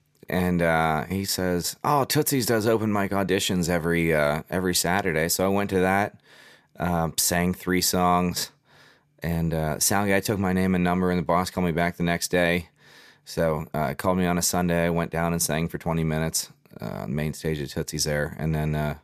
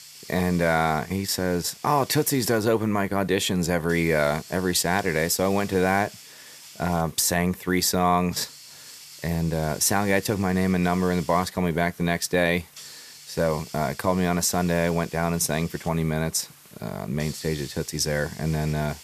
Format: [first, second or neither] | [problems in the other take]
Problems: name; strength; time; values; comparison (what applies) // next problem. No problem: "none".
first | hiss; noticeable; throughout; 20 dB below the speech